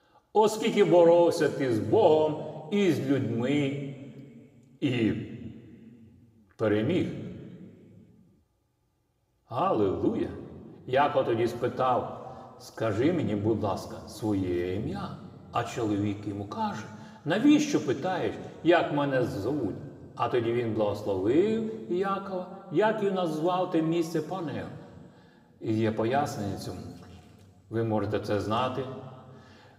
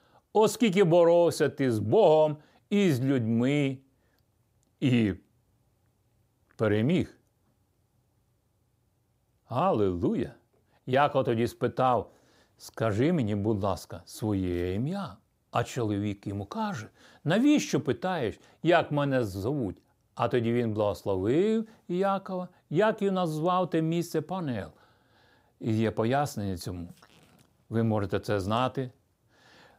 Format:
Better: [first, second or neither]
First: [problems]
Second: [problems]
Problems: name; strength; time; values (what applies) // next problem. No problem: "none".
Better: second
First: room echo; slight; dies away in 2 s // off-mic speech; somewhat distant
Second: none